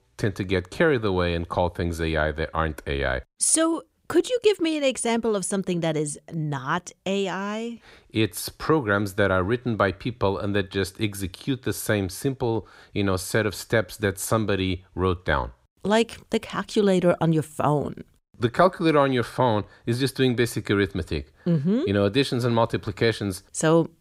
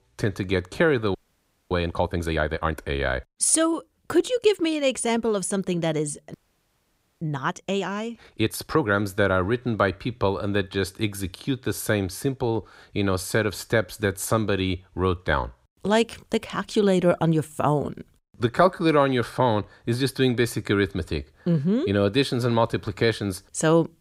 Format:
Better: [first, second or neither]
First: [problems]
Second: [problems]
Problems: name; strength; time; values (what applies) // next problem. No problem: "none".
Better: first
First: none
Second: audio freezing; at 1 s for 0.5 s and at 6.5 s for 1 s